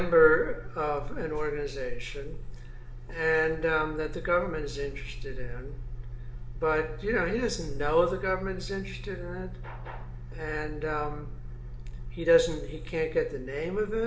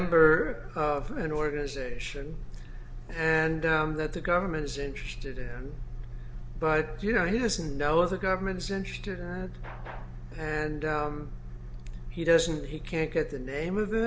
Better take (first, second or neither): second